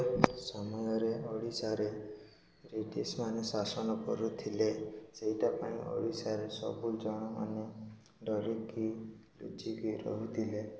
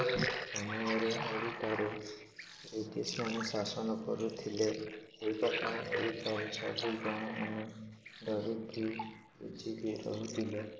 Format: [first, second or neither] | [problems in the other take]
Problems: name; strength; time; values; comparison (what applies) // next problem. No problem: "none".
first | noise reduction (neural mask model Resemble Enhance denoiser)